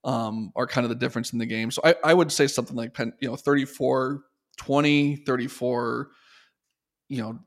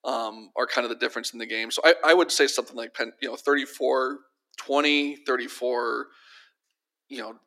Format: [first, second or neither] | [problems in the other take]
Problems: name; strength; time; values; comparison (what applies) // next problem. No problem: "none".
first | thin; somewhat; fading below 300 Hz